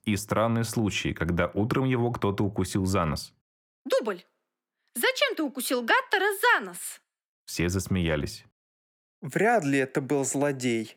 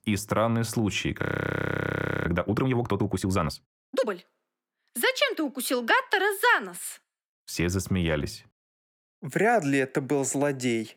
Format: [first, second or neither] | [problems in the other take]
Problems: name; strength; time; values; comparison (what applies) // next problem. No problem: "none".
first | audio freezing; at 1 s for 1 s